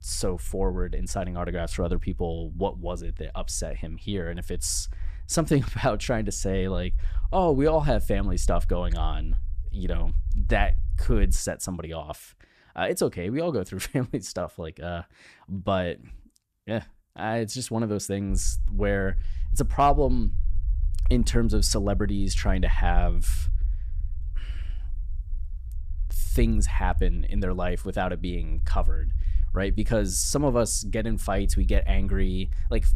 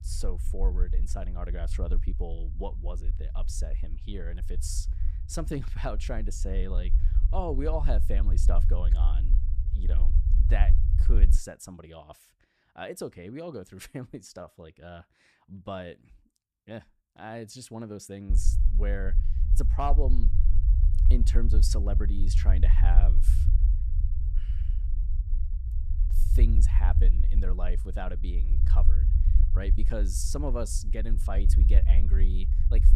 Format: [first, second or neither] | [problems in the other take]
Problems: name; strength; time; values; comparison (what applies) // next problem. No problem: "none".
first | low rumble; loud; until 11 s and from 18 s on; 9 dB below the speech; faint in the first